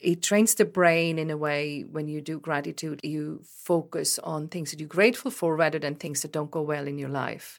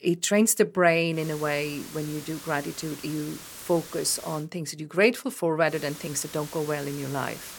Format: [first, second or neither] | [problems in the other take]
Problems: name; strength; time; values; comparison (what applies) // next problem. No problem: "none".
first | hiss; noticeable; from 1 to 4.5 s and from 5.5 s on; 15 dB below the speech